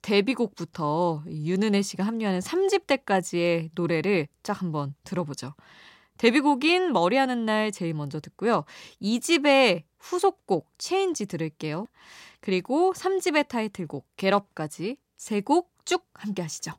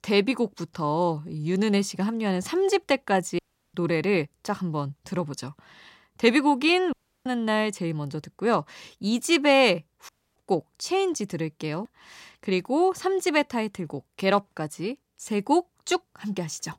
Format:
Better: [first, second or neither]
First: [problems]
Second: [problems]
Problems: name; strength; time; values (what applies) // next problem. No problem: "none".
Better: first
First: none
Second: audio cutting out; at 3.5 s, at 7 s and at 10 s